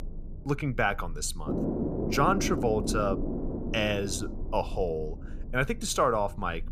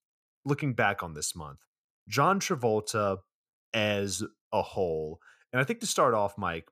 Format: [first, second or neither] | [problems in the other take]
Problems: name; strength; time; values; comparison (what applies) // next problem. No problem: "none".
second | low rumble; loud; throughout; 9 dB below the speech